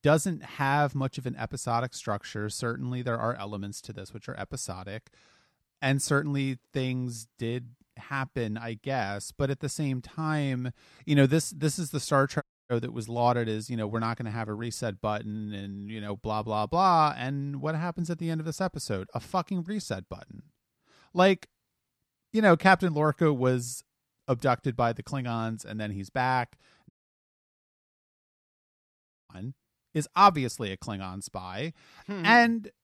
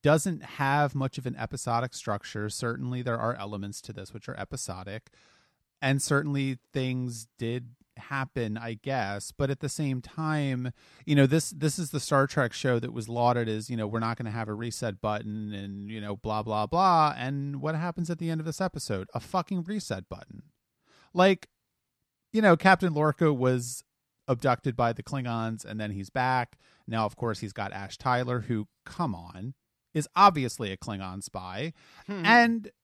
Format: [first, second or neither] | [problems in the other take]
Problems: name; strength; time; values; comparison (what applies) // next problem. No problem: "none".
second | audio cutting out; at 12 s and at 27 s for 2.5 s